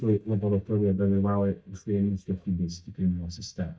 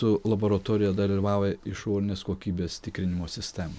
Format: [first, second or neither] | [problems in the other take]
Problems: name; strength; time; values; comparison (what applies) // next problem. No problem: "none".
second | noise reduction (neural mask model DeepFilterNet 3)